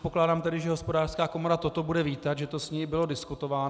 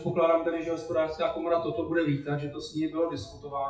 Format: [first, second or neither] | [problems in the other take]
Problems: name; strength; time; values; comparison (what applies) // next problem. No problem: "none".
first | noise reduction (classical method WPE with log-MMSE)